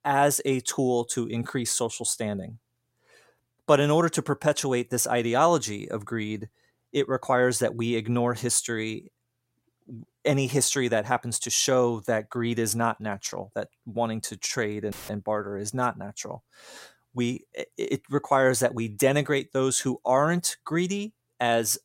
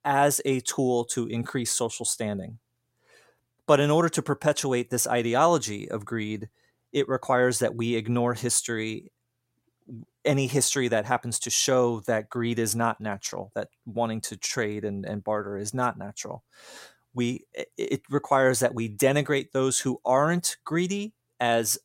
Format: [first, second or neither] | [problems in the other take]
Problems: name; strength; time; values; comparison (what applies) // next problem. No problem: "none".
second | audio cutting out; filled with static; at 15 s